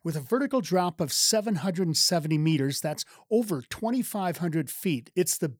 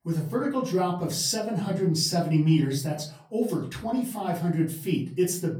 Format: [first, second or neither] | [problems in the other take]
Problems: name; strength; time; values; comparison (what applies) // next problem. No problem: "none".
first | off-mic speech; far // room echo; slight; dies away in 0.4 s